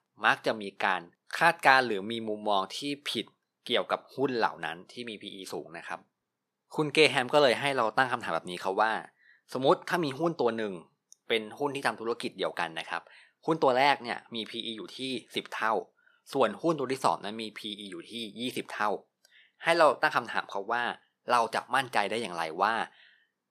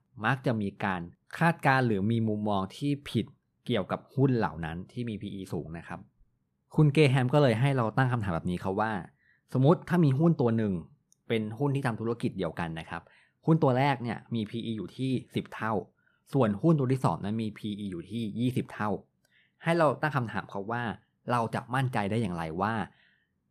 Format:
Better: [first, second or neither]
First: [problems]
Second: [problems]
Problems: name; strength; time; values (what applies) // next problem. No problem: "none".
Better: second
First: thin; very; fading below 450 Hz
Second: none